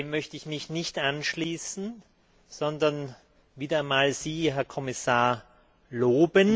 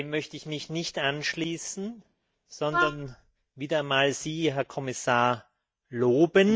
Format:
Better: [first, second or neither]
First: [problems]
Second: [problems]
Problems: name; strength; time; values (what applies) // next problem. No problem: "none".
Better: first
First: none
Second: noise reduction (neural mask model DeepFilterNet 3)